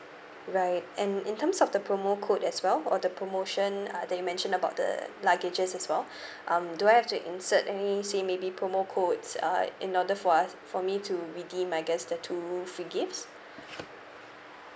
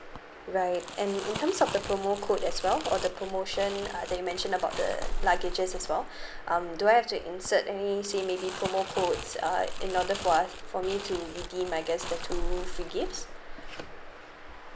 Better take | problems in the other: first | background sound (Crumpling, crinkling); 6 dB below the speech

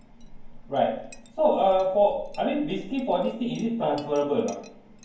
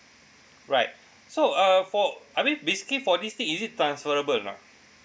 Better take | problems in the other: second | background sound (Chink, clink); 19 dB below the speech // room echo; dies away in 0.9 s

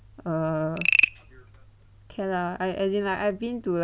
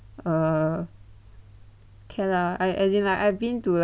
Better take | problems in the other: second | background sound (Frog); as loud as the speech

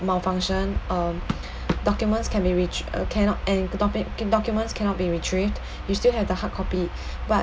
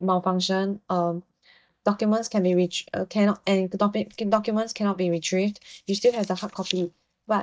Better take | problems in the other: first | noise reduction (neural mask model DeepFilterNet 3)

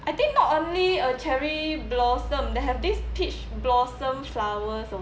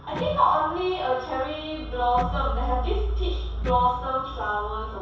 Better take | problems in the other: first | background sound (Electric guitar); 14 dB below the speech // room echo; dies away in 0.7 s

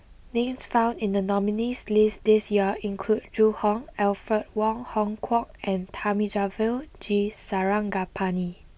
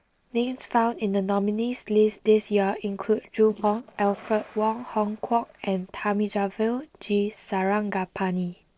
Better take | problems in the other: first | noise reduction (neural separator model SepFormer DNS4)

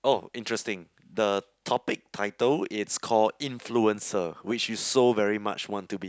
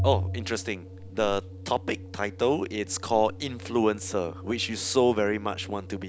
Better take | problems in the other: first | background sound (Organ); 8 dB below the speech

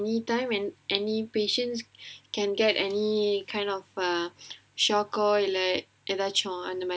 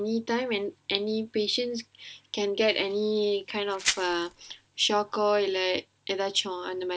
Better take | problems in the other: first | noise reduction (neural separator model SepFormer DNS4)

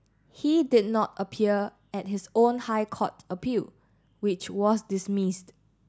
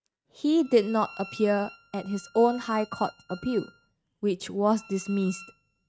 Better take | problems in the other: first | noise reduction (neural mask model RNNoise)

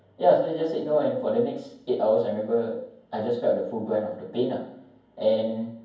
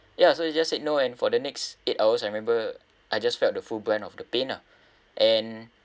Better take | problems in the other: second | room echo; dies away in 0.9 s

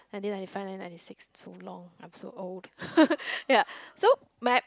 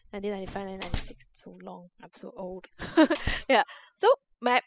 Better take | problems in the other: first | noise reduction (classical method spectral subtraction)

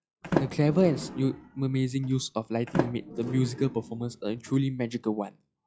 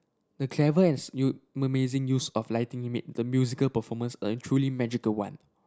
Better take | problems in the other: second | noise reduction (classical method log-MMSE)

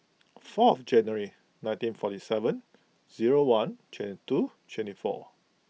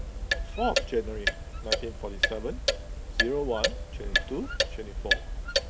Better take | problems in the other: first | background sound (Clock); 5 dB above the speech

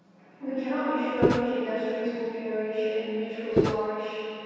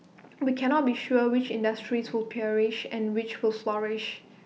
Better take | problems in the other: second | background sound (Walk, footsteps); 4 dB above the speech // room echo; dies away in 2.2 s

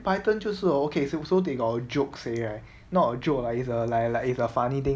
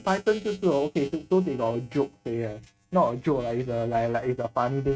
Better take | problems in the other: first | noise reduction (neural mask model RNNoise)

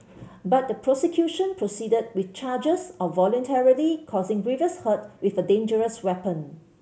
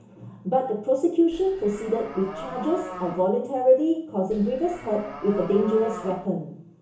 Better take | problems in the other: first | background sound (Livestock, farm animals, working animals); 13 dB below the speech // room echo; dies away in 0.8 s

